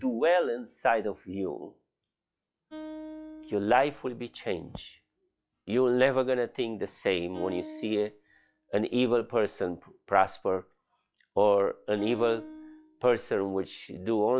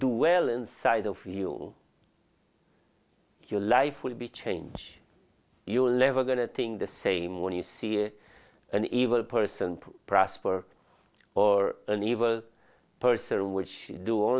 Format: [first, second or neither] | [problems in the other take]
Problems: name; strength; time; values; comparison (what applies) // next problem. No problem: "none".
second | noise reduction (classical method log-MMSE)